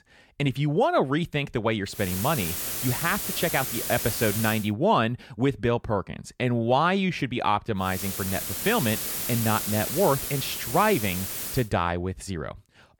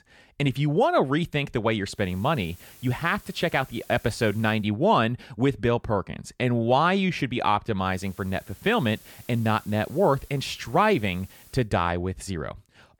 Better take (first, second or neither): second